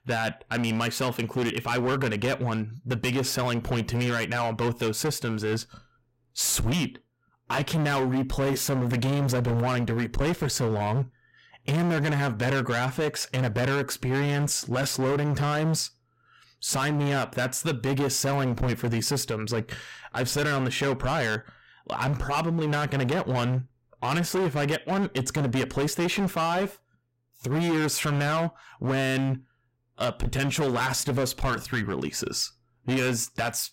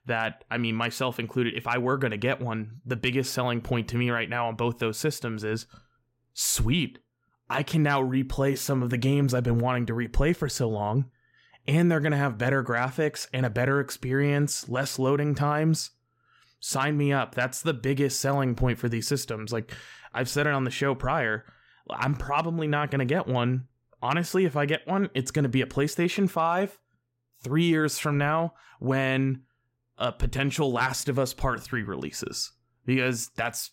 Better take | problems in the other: second | distortion; heavy; 21% of the sound clipped

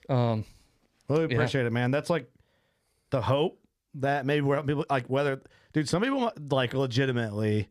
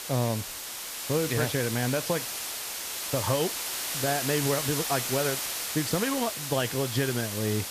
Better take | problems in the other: first | hiss; loud; throughout; 1 dB below the speech

